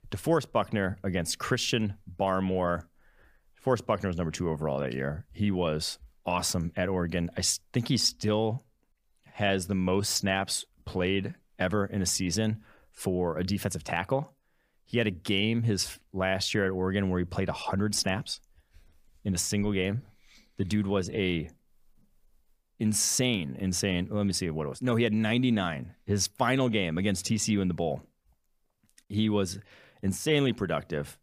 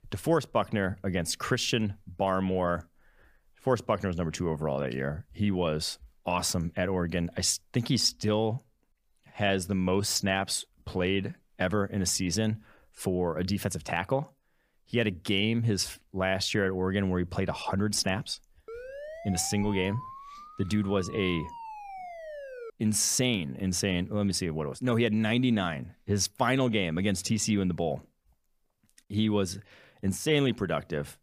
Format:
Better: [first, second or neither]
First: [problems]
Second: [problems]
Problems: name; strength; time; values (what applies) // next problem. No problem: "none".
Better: first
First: none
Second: siren; faint; from 19 to 23 s; peak 10 dB below the speech